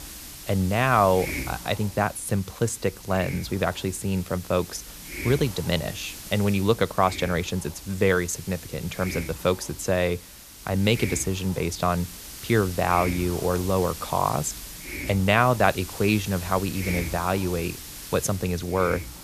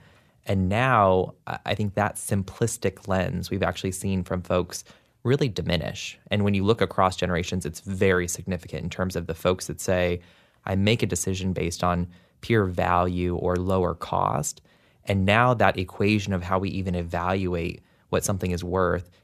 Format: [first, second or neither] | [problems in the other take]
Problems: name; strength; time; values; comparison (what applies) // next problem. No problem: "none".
second | hiss; noticeable; throughout; 10 dB below the speech